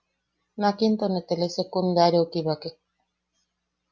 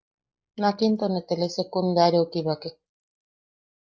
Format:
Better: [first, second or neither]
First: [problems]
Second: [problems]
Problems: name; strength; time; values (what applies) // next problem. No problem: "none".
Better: first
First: none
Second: noise reduction (neural mask model Resemble Enhance denoiser)